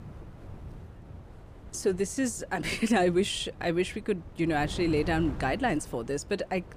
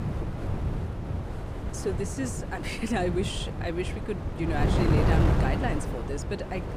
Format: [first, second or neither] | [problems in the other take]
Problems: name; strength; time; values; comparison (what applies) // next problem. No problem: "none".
first | wind noise on the microphone; heavy; 3 dB below the speech; occasional gusts in the first